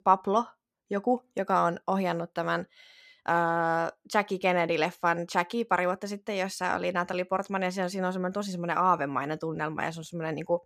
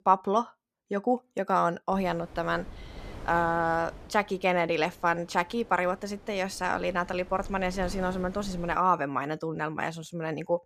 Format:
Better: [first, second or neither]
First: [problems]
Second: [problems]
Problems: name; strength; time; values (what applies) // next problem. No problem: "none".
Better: first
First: none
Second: wind noise on the microphone; occasional gusts; from 2 to 9 s; 20 dB below the speech